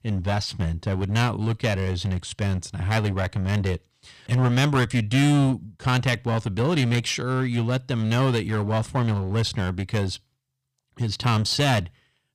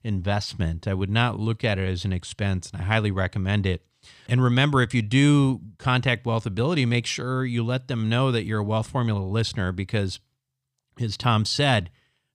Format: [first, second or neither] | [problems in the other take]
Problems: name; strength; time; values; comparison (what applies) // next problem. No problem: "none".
second | distortion; slight; 10% of the sound clipped